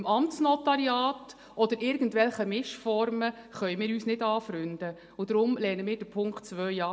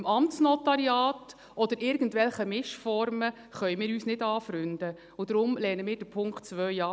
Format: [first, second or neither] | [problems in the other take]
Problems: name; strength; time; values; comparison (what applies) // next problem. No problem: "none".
second | room echo; dies away in 2 s